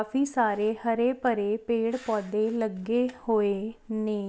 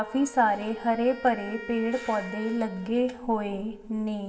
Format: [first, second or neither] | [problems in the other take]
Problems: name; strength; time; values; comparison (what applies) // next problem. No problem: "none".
first | background sound (Wind instrument, woodwind instrument); 17 dB below the speech // room echo; dies away in 1.5 s